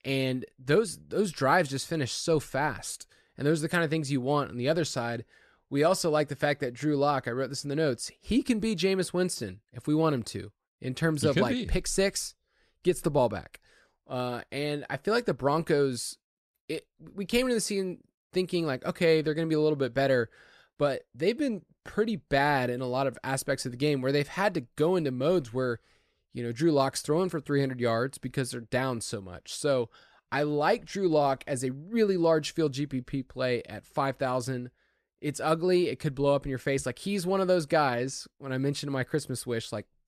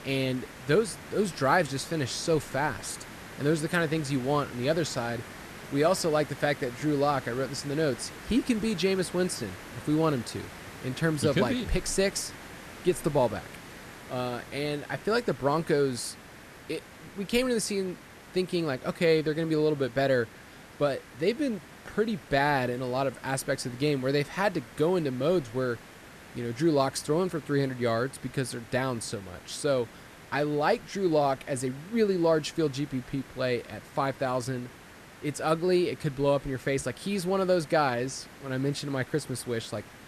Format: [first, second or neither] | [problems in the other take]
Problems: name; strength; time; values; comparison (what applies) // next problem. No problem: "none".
first | hiss; noticeable; throughout; 15 dB below the speech